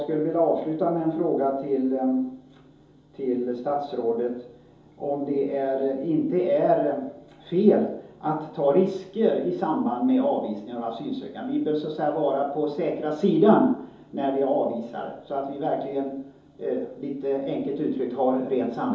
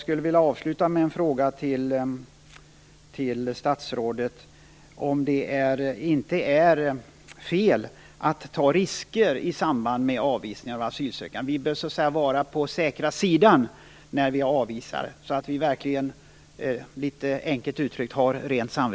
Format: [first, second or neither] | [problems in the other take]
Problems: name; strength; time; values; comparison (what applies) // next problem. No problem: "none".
second | room echo; dies away in 2.8 s